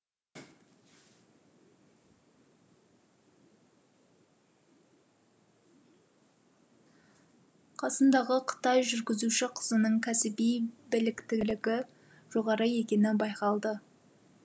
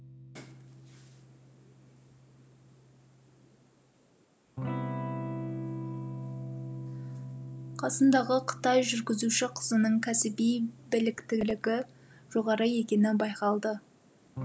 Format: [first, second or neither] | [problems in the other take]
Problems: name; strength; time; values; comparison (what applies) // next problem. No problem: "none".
first | background sound (Electric guitar / Strum); 11 dB below the speech